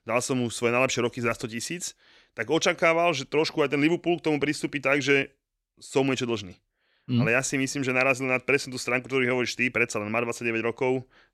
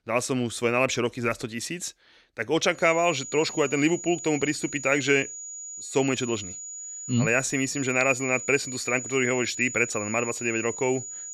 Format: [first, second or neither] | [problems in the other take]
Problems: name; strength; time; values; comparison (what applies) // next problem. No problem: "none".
first | high-pitched whine; loud; from 3 s on; 7 kHz, 9 dB below the speech